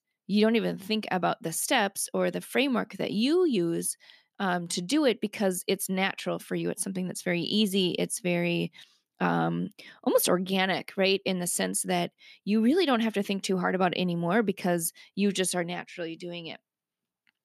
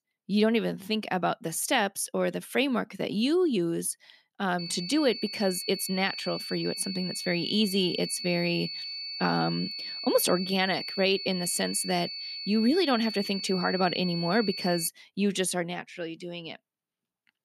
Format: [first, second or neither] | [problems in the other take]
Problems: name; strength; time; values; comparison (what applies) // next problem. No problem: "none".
first | high-pitched whine; loud; from 4.5 to 15 s; 4.5 kHz, 6 dB below the speech